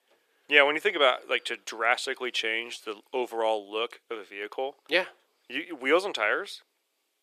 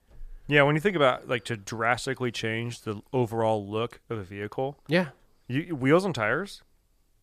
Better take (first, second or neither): second